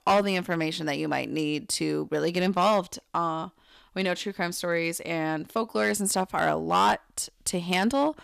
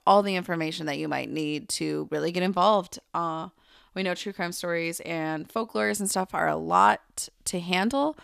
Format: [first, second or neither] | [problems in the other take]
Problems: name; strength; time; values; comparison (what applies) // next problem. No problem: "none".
second | distortion; slight; 3% of the sound clipped